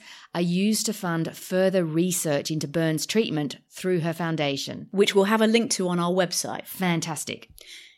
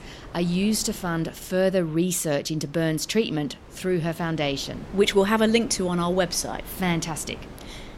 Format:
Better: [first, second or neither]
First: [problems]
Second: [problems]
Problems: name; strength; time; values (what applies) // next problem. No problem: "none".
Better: first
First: none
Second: wind noise on the microphone; occasional gusts; 20 dB below the speech